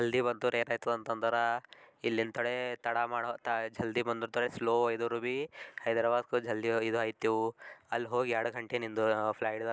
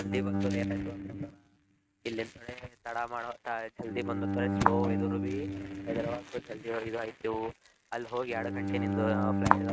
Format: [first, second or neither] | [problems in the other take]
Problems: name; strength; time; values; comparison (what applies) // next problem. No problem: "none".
first | noise reduction (neural mask model RNNoise)